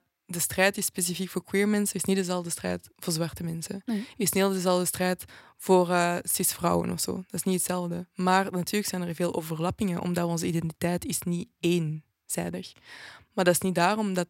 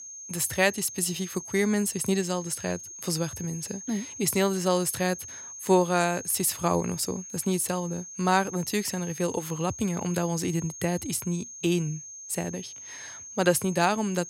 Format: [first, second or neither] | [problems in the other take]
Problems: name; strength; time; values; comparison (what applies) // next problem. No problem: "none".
first | high-pitched whine; noticeable; throughout; 6.5 kHz, 10 dB below the speech